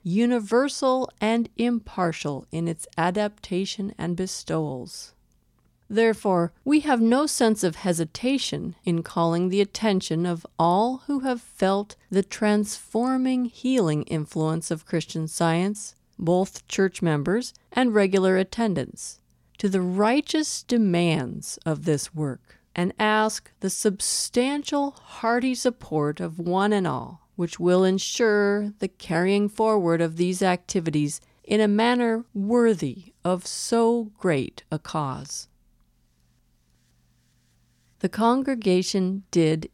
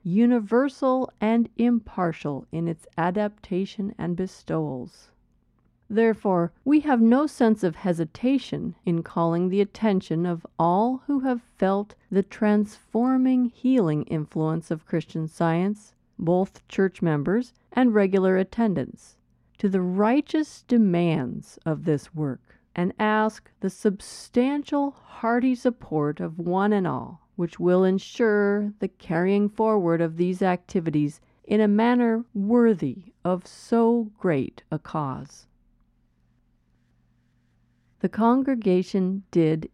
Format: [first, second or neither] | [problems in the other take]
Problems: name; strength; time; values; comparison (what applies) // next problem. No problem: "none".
first | muffled; slightly; fading above 3.5 kHz